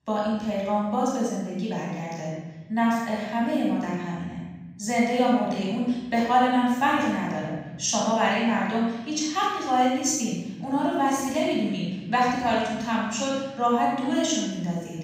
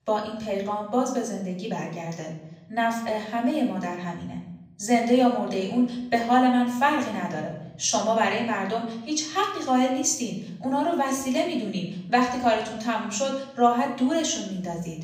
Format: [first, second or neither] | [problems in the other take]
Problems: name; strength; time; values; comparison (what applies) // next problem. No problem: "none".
second | room echo; strong; dies away in 1.4 s; slight in the second // off-mic speech; far; far in the second